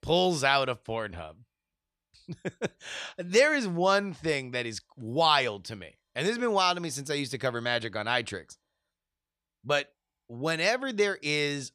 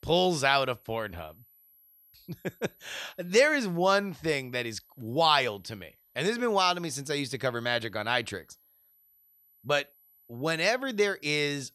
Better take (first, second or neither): first